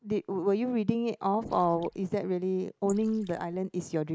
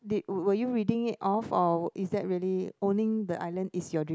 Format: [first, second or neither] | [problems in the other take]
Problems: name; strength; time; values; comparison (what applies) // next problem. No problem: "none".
second | noise reduction (neural mask model Resemble Enhance denoiser)